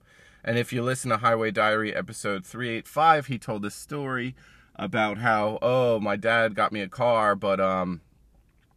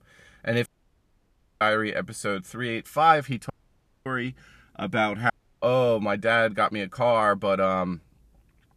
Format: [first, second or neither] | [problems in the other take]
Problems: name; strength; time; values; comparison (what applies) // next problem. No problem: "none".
first | audio cutting out; at 0.5 s for 1 s, at 3.5 s for 0.5 s and at 5.5 s